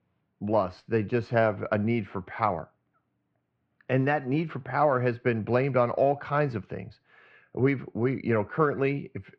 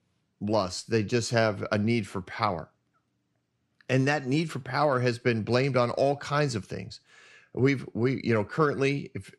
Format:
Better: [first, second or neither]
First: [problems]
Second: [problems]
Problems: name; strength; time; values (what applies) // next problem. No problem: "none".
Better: second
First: muffled; very; fading above 2.5 kHz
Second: none